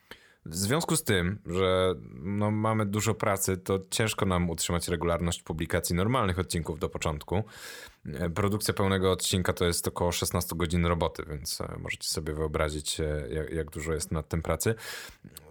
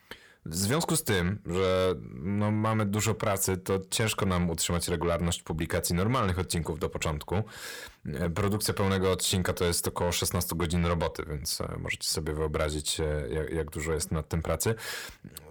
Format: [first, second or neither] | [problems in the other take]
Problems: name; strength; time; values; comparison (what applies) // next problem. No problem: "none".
first | distortion; slight; 10 dB below the speech